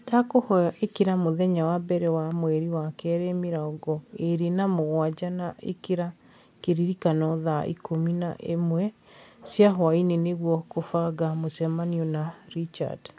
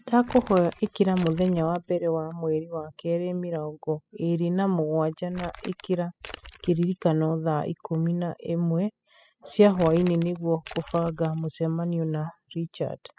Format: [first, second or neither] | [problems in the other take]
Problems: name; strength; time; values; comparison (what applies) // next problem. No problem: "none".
first | noise reduction (classical method spectral subtraction)